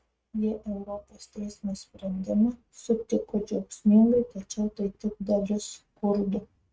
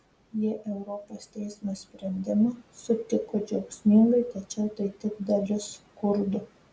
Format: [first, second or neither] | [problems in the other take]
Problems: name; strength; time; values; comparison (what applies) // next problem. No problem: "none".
second | noise reduction (neural mask model RNNoise)